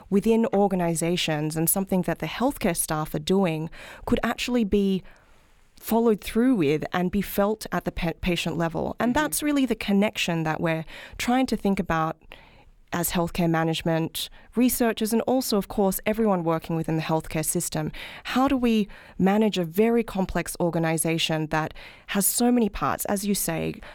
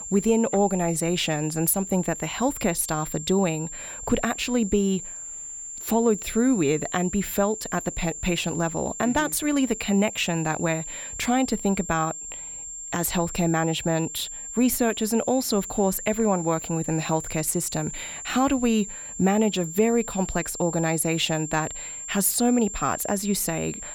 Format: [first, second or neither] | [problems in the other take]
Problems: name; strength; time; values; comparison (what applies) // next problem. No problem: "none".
first | high-pitched whine; loud; throughout; 7.5 kHz, 9 dB below the speech